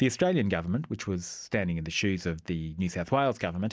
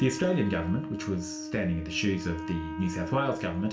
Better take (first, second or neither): first